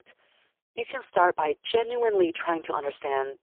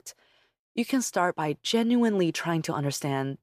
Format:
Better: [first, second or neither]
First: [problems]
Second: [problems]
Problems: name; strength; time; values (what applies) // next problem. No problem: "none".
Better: second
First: phone-call audio; poor line; nothing above 3 kHz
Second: none